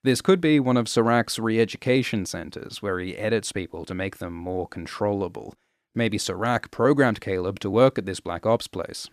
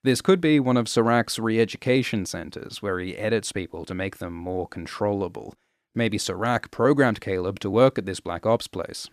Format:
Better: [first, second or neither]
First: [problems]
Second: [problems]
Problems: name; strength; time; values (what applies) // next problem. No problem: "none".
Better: neither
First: none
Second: none